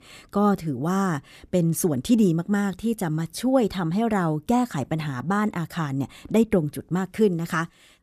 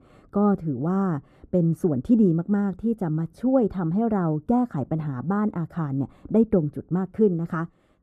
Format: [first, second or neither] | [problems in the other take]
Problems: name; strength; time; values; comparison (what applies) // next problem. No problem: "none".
first | muffled; very; fading above 1.5 kHz